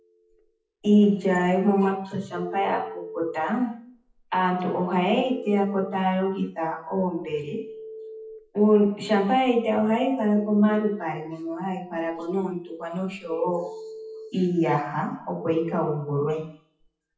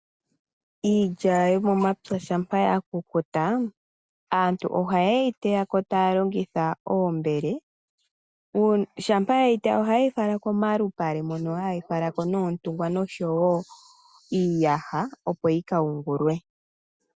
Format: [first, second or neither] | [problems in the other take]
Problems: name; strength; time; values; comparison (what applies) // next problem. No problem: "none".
second | noise reduction (classical method WPE with log-MMSE)